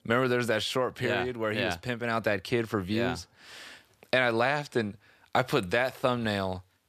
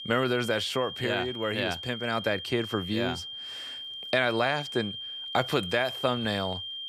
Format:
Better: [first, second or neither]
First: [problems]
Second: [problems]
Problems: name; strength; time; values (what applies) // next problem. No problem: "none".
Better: first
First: none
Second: high-pitched whine; loud; throughout; 3 kHz, 7 dB below the speech